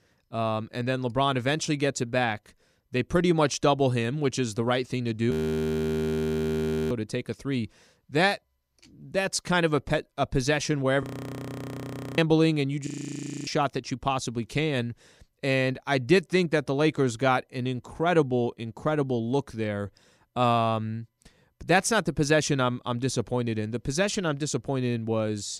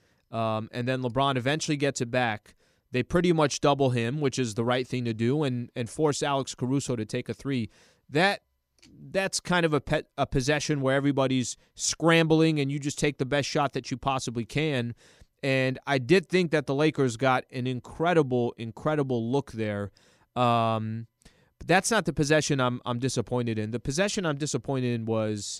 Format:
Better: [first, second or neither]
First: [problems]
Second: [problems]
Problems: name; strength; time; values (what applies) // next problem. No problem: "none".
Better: second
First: audio freezing; at 5.5 s for 1.5 s, at 11 s for 1 s and at 13 s for 0.5 s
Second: none